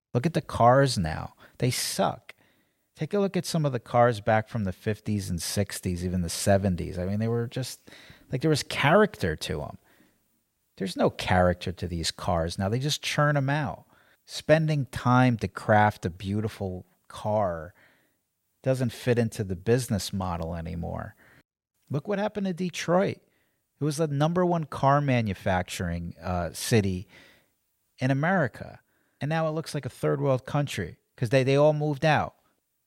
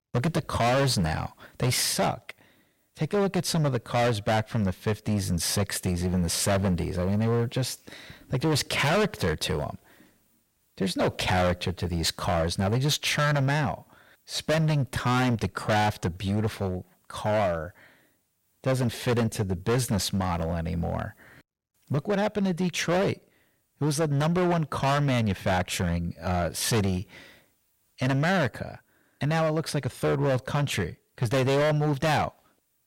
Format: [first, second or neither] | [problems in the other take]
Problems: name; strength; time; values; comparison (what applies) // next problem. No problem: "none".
first | distortion; heavy; 15% of the sound clipped